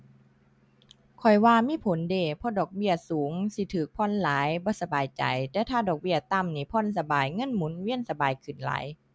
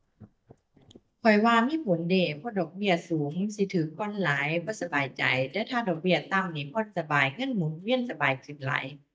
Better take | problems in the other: first | noise reduction (neural mask model DeepFilterNet 3)

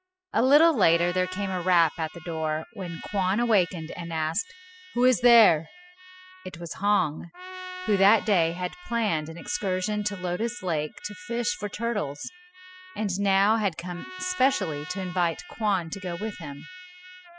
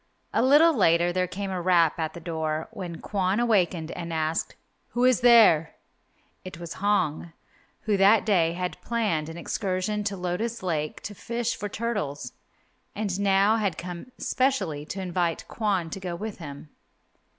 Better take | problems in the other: second | noise reduction (classical method spectral subtraction)

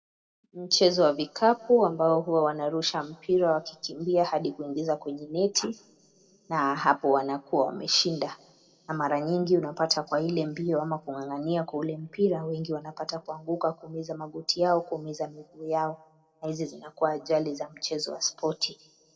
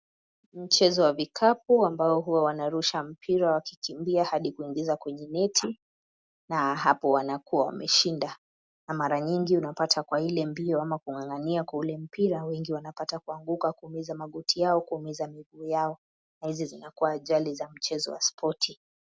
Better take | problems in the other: second | room echo; dies away in 0.8 s

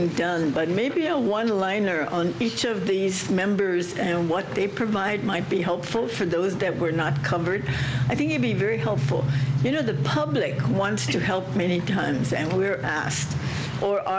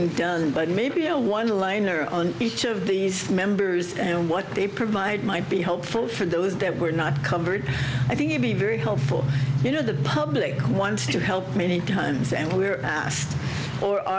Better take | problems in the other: second | background sound (Wind instrument, woodwind instrument); 20 dB below the speech

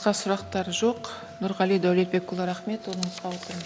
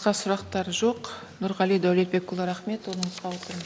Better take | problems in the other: second | background sound (Wind instrument, woodwind instrument); 19 dB below the speech

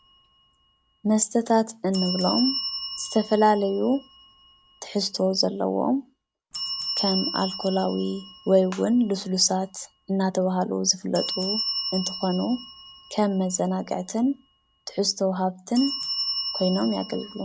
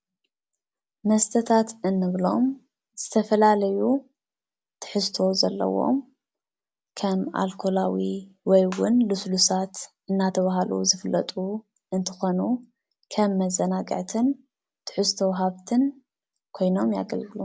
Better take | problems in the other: second | background sound (Bell); 10 dB below the speech

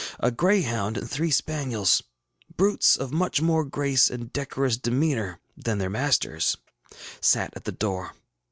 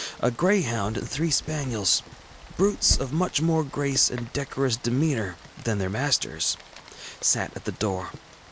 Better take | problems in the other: first | background sound (Rain); 13 dB below the speech

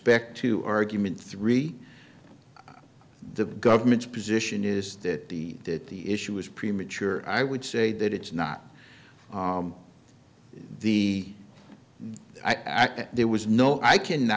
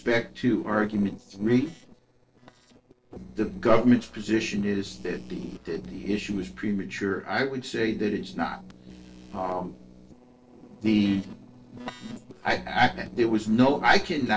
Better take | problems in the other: first | noise reduction (neural separator model SepFormer DNS4)

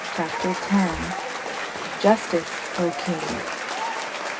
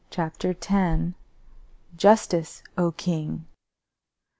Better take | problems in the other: second | background sound (Applause / Cheering); 3 dB below the speech // room echo; dies away in 0.2 s

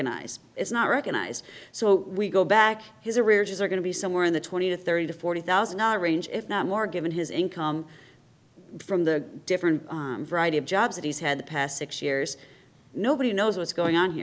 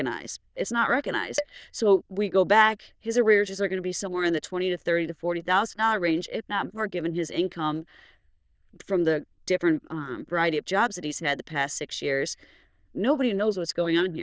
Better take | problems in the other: first | noise reduction (neural diffusion model UNIVERSE++)

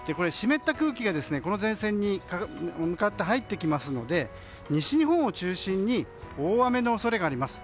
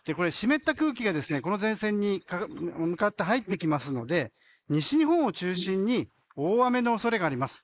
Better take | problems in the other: first | noise reduction (neural mask model Resemble Enhance denoiser)

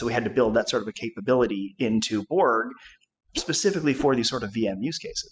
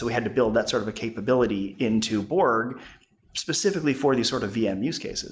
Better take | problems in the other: second | noise reduction (classical method spectral subtraction)

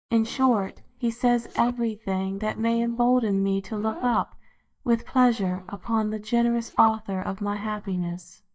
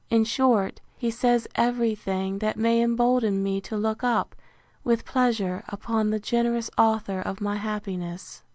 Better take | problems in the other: second | noise reduction (neural mask model DeepFilterNet 3)

